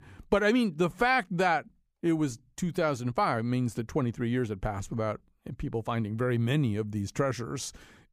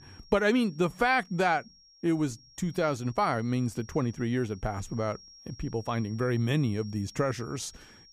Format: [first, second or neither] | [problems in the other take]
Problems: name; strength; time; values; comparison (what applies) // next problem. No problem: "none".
first | high-pitched whine; faint; throughout; 5.5 kHz, 25 dB below the speech